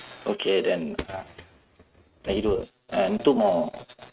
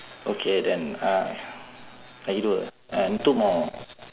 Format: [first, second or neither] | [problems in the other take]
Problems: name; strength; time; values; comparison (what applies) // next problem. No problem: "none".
second | noise reduction (neural mask model RNNoise)